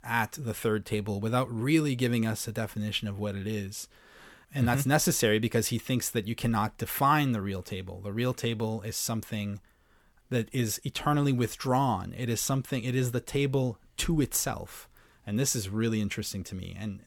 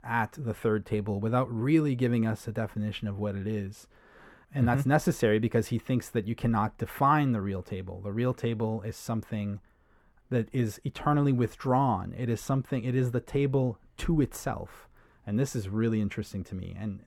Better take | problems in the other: first | muffled; slightly; fading above 2.5 kHz

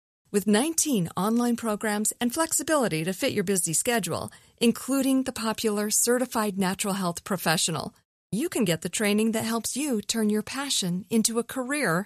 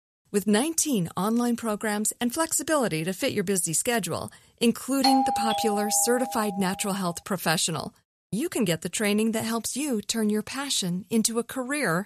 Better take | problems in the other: first | doorbell; loud; from 5 to 6.5 s; peak 3 dB above the speech

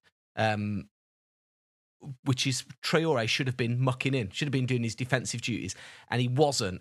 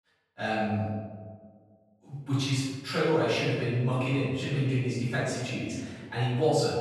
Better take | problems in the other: first | off-mic speech; far // room echo; strong; dies away in 1.6 s

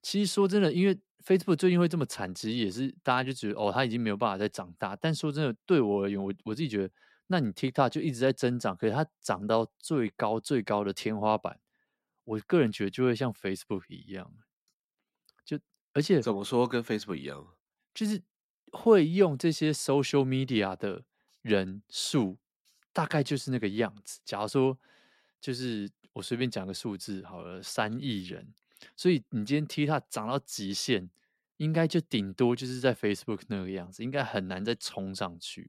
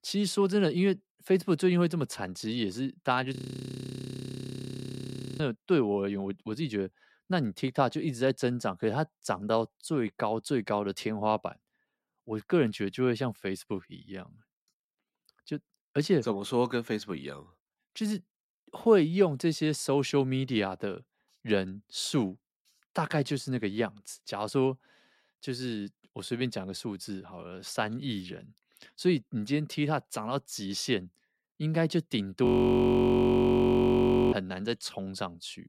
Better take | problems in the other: first | audio freezing; at 3.5 s for 2 s and at 32 s for 2 s

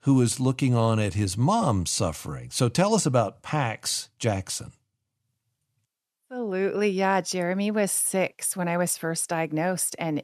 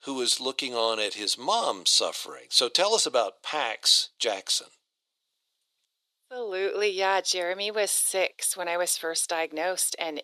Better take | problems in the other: first | thin; very; fading below 400 Hz

